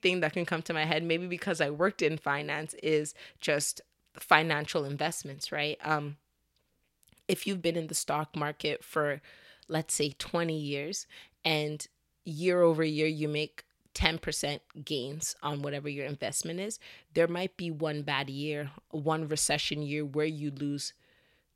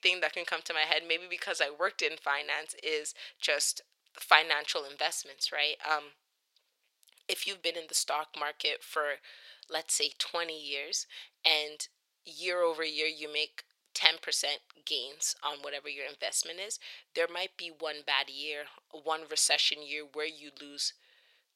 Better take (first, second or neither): first